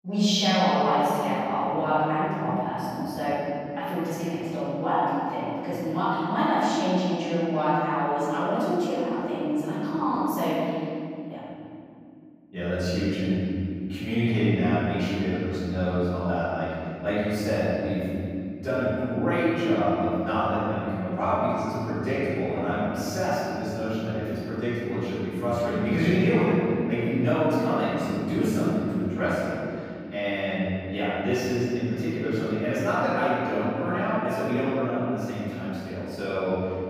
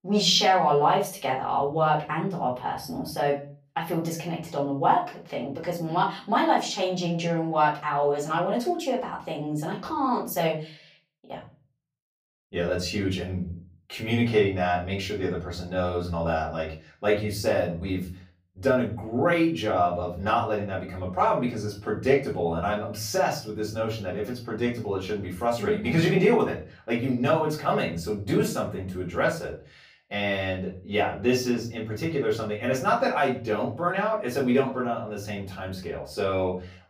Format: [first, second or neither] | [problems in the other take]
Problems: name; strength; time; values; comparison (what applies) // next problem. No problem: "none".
second | room echo; strong; dies away in 3 s; slight in the second // off-mic speech; far; far in the second